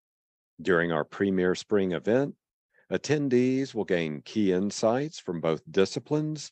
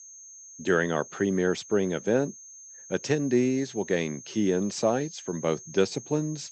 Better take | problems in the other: first | high-pitched whine; noticeable; throughout; 6.5 kHz, 15 dB below the speech

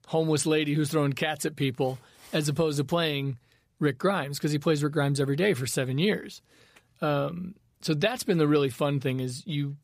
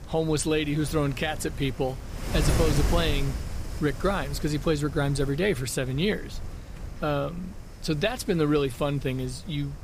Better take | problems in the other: first | wind noise on the microphone; occasional gusts; 10 dB below the speech

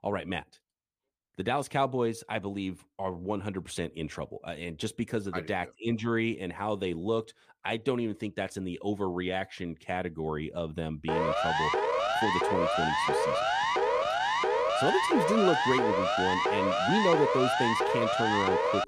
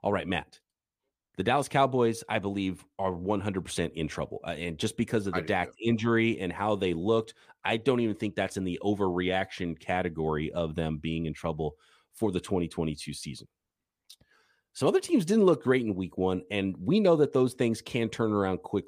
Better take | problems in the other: second | siren; loud; from 11 s on; peak 5 dB above the speech

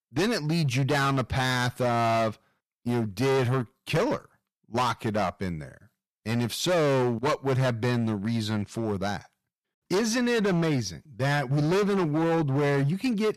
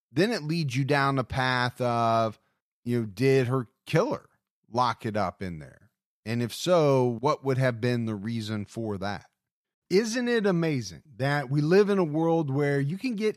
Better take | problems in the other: second | distortion; heavy; 19% of the sound clipped

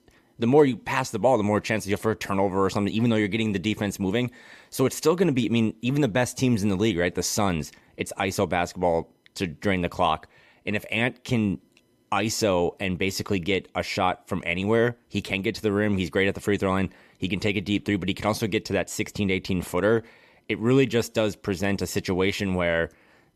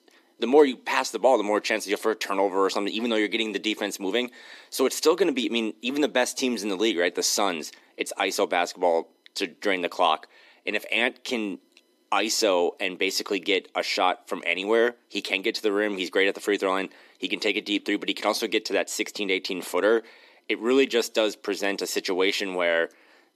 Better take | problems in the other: first | thin; somewhat; fading below 250 Hz

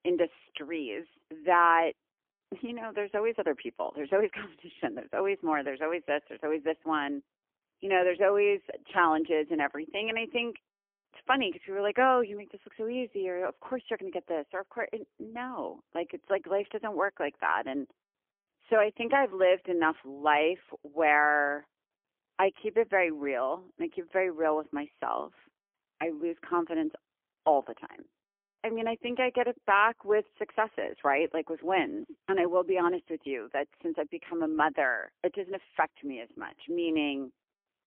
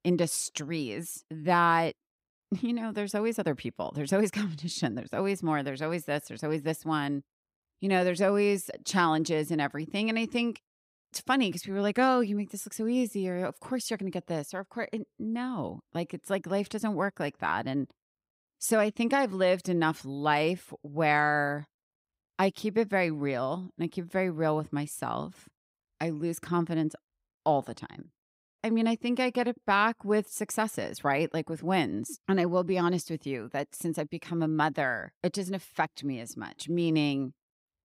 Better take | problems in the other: second | phone-call audio; poor line; nothing above 3 kHz

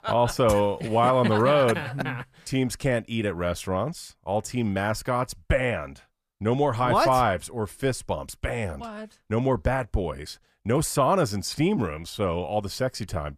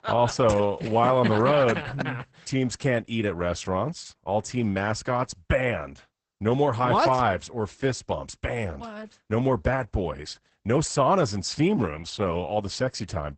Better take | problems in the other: first | garbled, watery; badly; nothing above 8 kHz

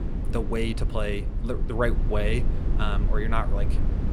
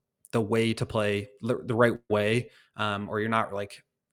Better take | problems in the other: second | low rumble; noticeable; throughout; 10 dB below the speech

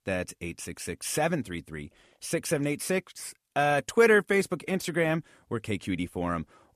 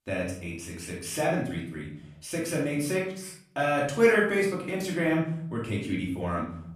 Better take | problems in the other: first | off-mic speech; far // room echo; noticeable; dies away in 0.6 s

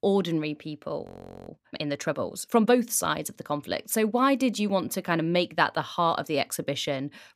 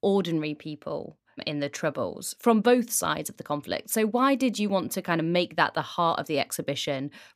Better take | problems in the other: second | audio freezing; at 1 s

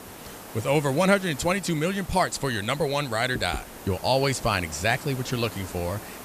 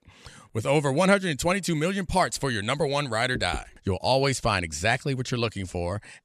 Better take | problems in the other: second | hiss; noticeable; throughout; 15 dB below the speech

